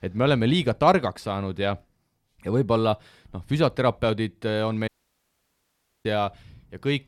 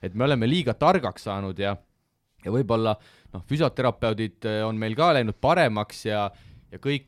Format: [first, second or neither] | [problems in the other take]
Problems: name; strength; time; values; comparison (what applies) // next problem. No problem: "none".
second | audio cutting out; at 5 s for 1 s